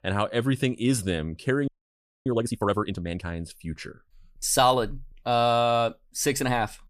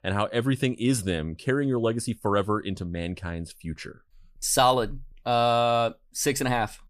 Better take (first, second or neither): second